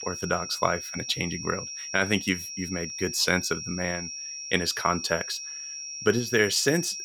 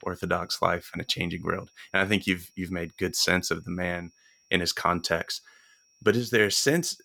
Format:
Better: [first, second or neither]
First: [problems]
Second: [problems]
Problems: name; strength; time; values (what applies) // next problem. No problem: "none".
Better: second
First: high-pitched whine; loud; throughout; 5.5 kHz, 7 dB below the speech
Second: high-pitched whine; faint; throughout; 5.5 kHz, 35 dB below the speech